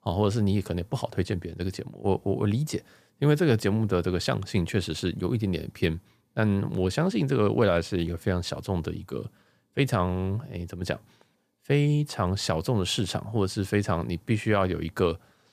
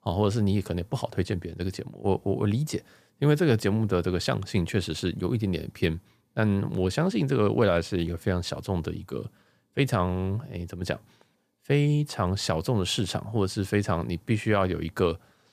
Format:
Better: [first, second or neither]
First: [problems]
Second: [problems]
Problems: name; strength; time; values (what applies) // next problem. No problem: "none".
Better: neither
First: none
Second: none